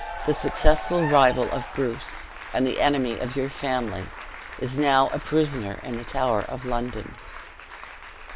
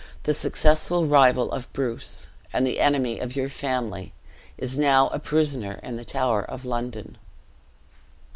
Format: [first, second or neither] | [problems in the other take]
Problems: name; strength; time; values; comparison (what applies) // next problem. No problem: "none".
second | background sound (Applause / Cheering); 13 dB below the speech